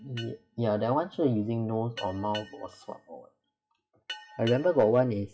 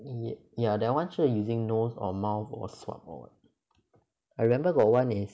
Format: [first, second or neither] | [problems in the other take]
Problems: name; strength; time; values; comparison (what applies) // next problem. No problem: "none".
second | noise reduction (classical method WPE with log-MMSE)